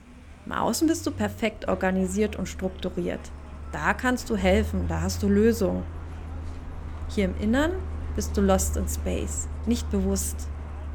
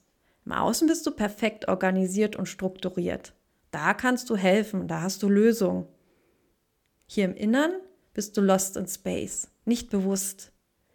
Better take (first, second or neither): second